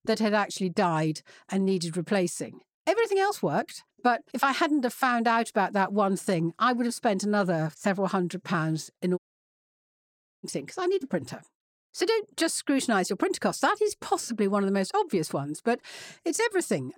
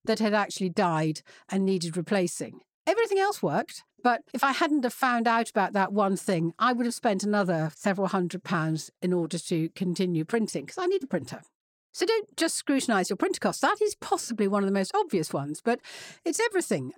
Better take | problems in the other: second | audio cutting out; at 9 s for 1.5 s

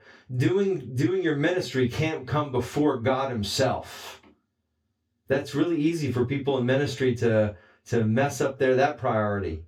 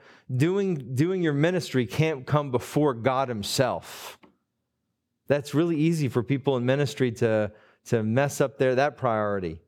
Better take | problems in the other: second | room echo; very slight; dies away in 0.2 s // off-mic speech; far

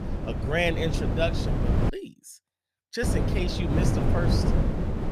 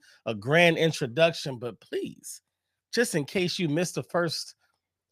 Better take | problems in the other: second | wind noise on the microphone; heavy; until 2 s and from 3 s on; 3 dB below the speech

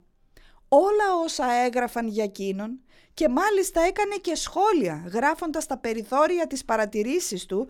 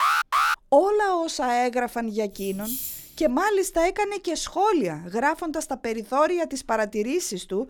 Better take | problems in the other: first | alarm; loud; at the start; peak 4 dB above the speech // jangling keys; noticeable; at 2.5 s; peak 5 dB below the speech

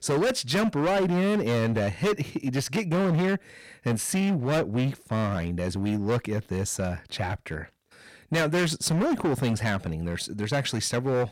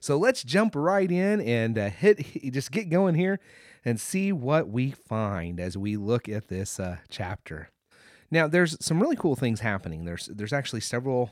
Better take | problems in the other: second | distortion; heavy; 18% of the sound clipped

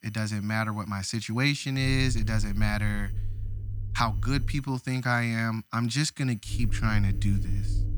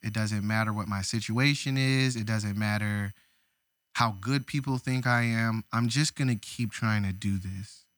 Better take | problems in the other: second | low rumble; noticeable; from 2 to 4.5 s and from 6.5 s on; 20 dB below the speech

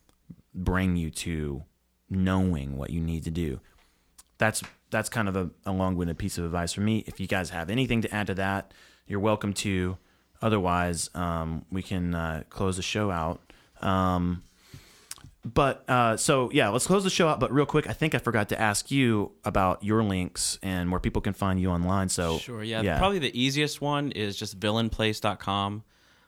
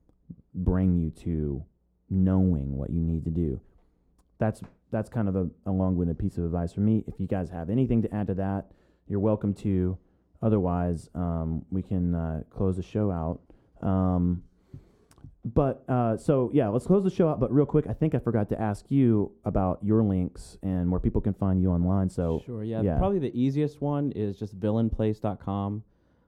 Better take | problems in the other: first | muffled; very; fading above 1 kHz

